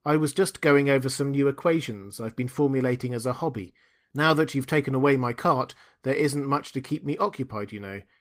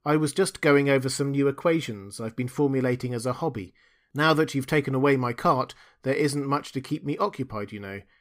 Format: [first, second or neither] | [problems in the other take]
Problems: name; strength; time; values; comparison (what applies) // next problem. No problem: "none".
second | garbled, watery; slightly; nothing above 15.5 kHz